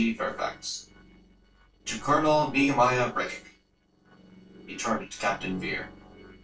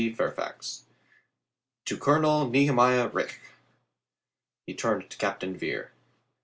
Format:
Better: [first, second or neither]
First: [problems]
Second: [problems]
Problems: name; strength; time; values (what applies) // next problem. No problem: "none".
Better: second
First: noise reduction (neural separator model SepFormer DNS4)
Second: none